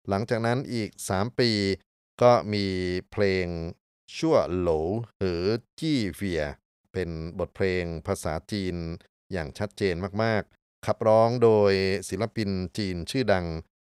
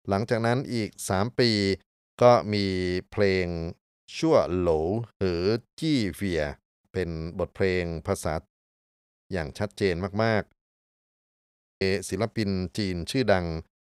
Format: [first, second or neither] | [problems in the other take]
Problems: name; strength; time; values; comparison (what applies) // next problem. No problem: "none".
first | audio cutting out; at 8.5 s for 0.5 s and at 11 s for 1.5 s